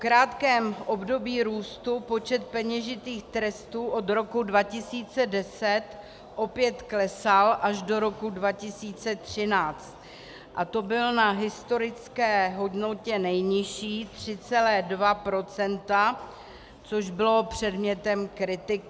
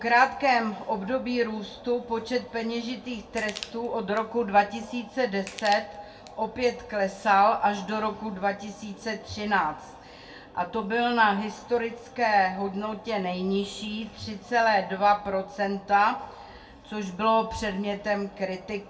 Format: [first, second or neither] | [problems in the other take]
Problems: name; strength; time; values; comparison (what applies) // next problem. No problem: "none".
first | background sound (Crushing); 17 dB below the speech // room echo; dies away in 0.2 s